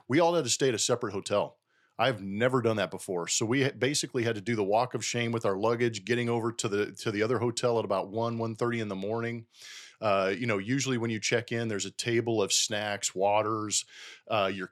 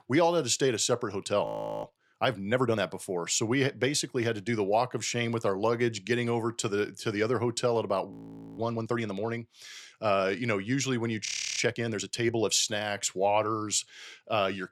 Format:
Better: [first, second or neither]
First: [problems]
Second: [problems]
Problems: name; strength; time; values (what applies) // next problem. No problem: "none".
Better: first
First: none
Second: audio freezing; at 1.5 s, at 8 s and at 11 s